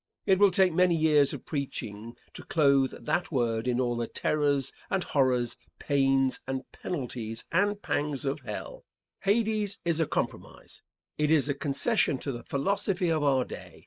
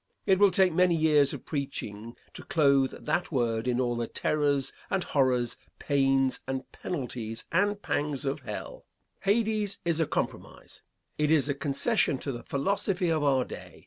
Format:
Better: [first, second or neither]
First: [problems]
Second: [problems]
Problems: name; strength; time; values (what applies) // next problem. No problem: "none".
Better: second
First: noise reduction (neural mask model Resemble Enhance denoiser)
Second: none